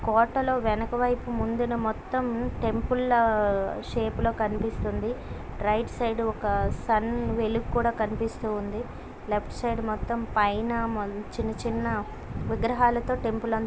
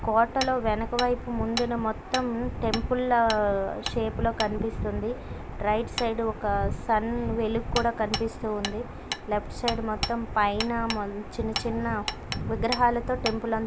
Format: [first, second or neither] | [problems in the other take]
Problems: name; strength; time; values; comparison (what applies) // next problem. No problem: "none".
first | background sound (Hammer); 12 dB below the speech